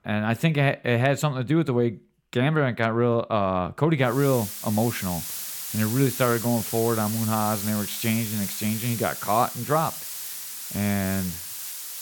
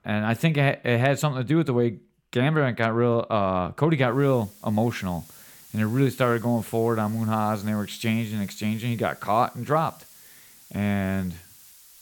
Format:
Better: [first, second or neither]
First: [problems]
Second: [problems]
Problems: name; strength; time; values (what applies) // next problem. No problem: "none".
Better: second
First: hiss; loud; from 4 s on; 6 dB below the speech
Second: hiss; faint; from 4 s on; 20 dB below the speech